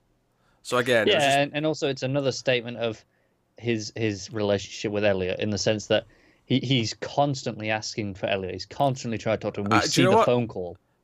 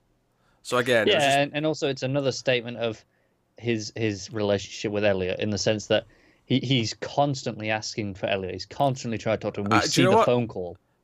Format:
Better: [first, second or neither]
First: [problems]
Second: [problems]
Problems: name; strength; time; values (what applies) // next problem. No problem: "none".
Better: neither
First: none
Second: none